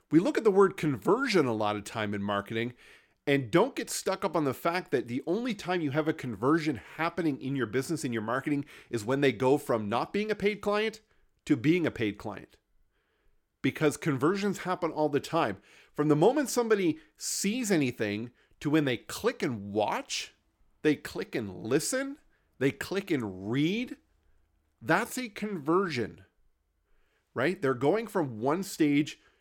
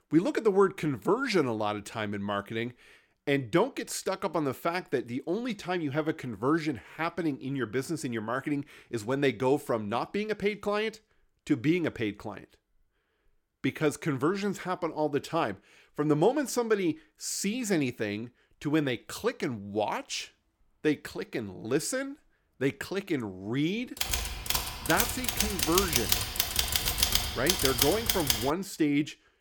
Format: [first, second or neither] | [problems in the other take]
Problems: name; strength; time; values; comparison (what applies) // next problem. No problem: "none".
first | keyboard typing; loud; from 24 to 29 s; peak 6 dB above the speech